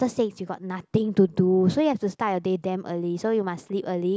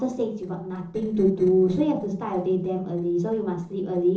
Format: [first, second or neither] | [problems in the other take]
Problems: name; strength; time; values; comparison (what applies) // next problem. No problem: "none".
first | noise reduction (neural separator model SepFormer DNS4)